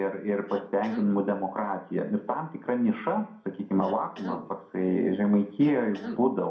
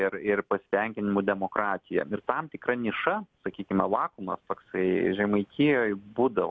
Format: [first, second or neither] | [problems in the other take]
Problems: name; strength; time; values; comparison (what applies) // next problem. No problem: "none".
second | background sound (Cough); 14 dB below the speech // room echo; dies away in 0.4 s